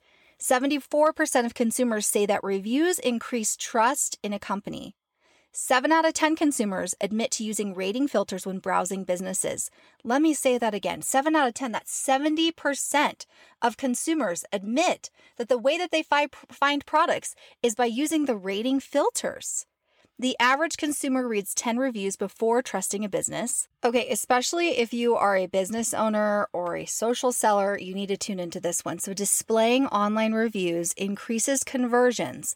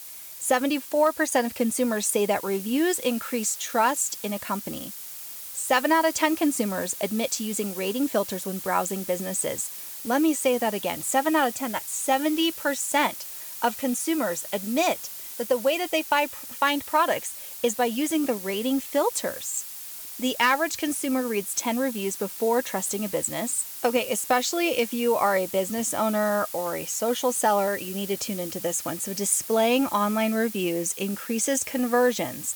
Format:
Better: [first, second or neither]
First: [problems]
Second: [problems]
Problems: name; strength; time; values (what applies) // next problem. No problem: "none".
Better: first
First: none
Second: hiss; loud; throughout; 10 dB below the speech